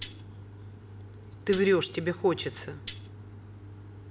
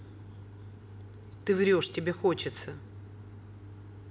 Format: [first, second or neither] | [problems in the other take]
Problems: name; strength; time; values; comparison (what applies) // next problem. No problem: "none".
second | background sound (Tambourine); 19 dB below the speech